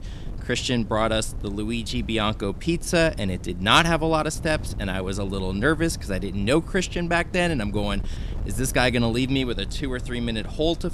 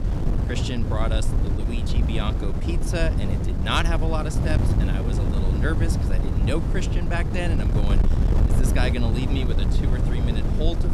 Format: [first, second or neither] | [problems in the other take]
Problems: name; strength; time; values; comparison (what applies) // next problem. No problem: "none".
first | wind noise on the microphone; heavy; 4 dB below the speech; occasional gusts in the first